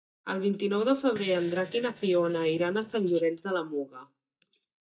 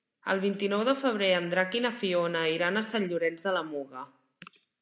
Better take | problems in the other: second | noise reduction (neural mask model DeepFilterNet 3)

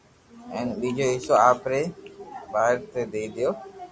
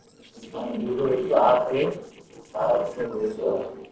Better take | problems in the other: first | noise reduction (neural separator model SepFormer DNS4)

